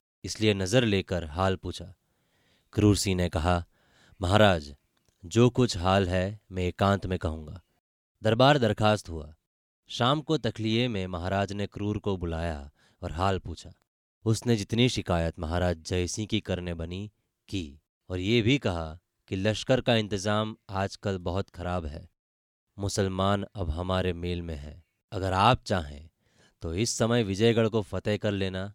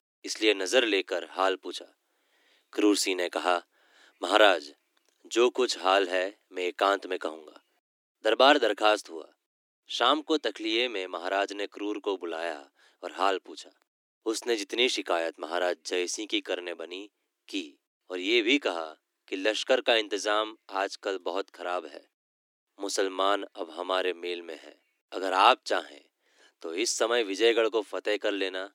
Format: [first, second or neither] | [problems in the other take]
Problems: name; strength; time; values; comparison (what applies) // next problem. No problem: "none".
first | thin; somewhat; fading below 300 Hz